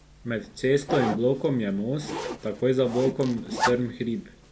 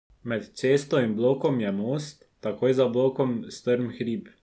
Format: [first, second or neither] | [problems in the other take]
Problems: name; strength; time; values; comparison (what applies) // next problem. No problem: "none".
second | background sound (Zipper (clothing)); 8 dB below the speech // room echo; dies away in 0.8 s